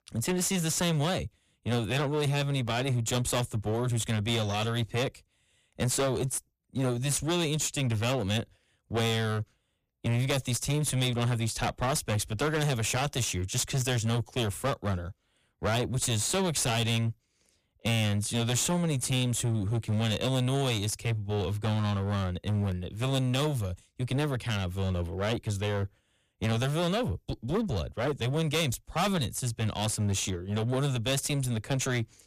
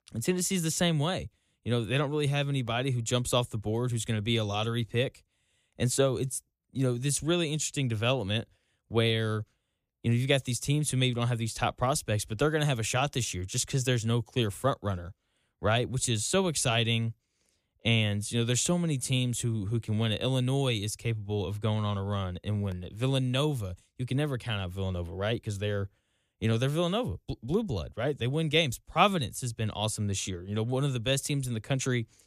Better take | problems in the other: second | distortion; heavy; 20% of the sound clipped

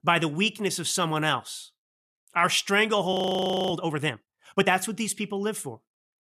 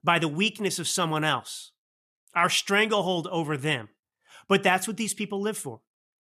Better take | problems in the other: second | audio freezing; at 3 s for 0.5 s

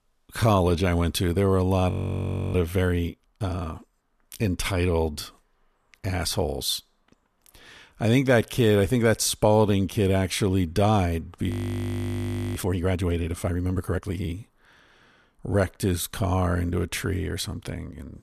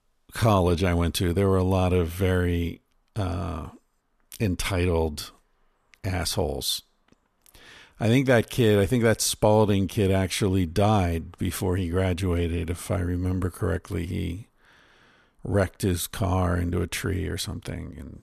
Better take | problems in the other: second | audio freezing; at 2 s for 0.5 s and at 12 s for 1 s

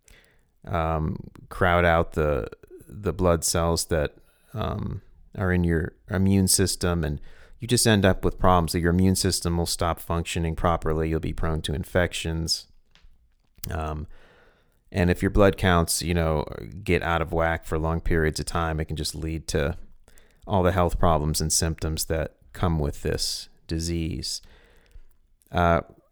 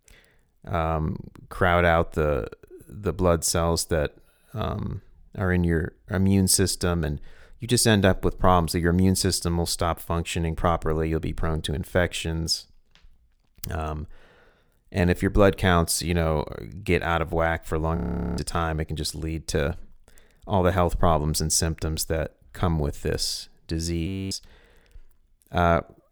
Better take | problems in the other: first | audio freezing; at 18 s and at 24 s

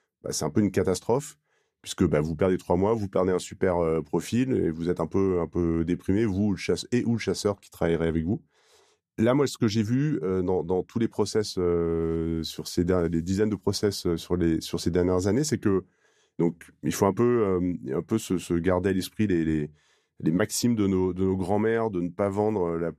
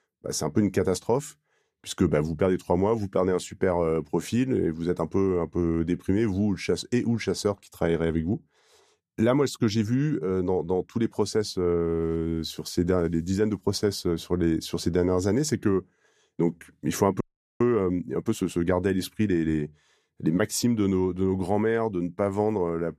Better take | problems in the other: first | audio freezing; at 17 s

